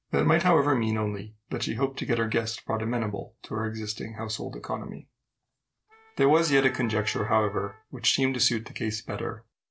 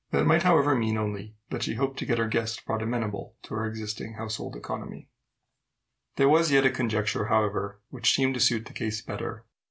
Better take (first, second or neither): second